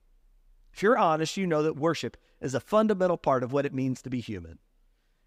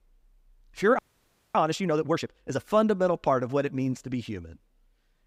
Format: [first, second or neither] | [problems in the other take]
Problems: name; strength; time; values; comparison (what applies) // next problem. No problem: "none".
first | audio freezing; at 1 s for 0.5 s